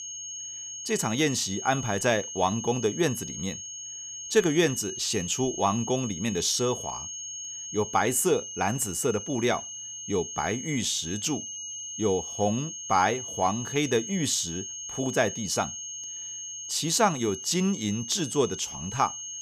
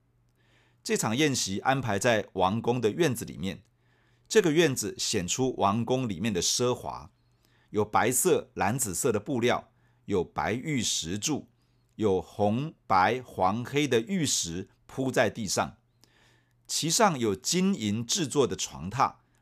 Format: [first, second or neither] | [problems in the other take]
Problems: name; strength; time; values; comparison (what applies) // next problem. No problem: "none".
second | high-pitched whine; loud; throughout; 6.5 kHz, 8 dB below the speech